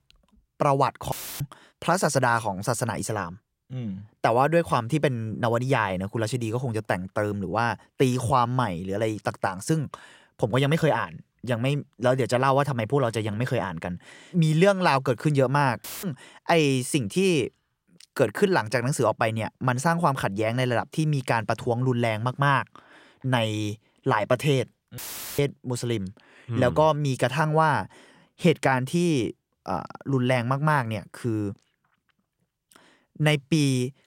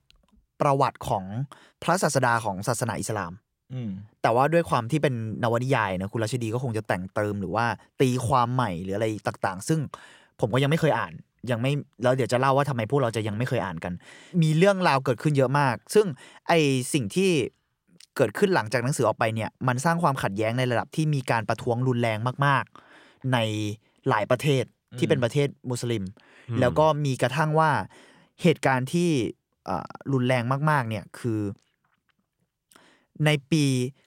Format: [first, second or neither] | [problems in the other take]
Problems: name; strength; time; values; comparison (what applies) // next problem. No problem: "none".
second | audio cutting out; filled with static; at 1 s, at 16 s and at 25 s